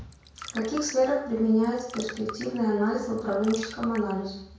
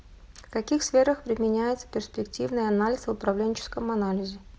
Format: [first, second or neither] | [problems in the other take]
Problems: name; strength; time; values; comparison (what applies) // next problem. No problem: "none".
second | background sound (Trickle, dribble); 17 dB below the speech // room echo; dies away in 0.5 s